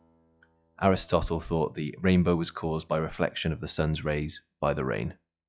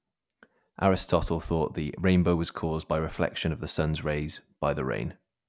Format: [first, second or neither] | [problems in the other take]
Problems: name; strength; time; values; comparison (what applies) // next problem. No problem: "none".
second | noise reduction (classical method log-MMSE)